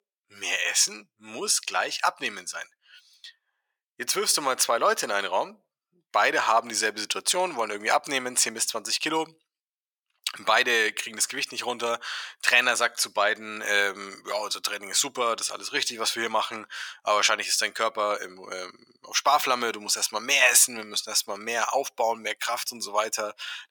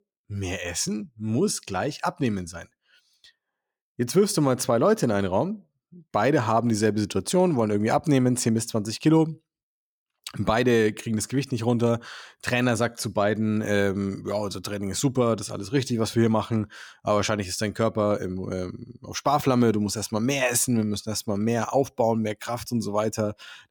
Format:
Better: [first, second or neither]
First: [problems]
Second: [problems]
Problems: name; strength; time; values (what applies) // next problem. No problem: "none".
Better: second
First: thin; very; fading below 950 Hz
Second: none